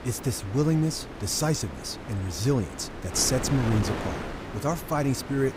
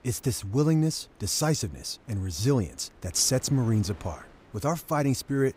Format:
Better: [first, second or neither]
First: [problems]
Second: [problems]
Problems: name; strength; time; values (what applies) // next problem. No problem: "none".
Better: second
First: wind noise on the microphone; heavy; 7 dB below the speech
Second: wind noise on the microphone; occasional gusts; 25 dB below the speech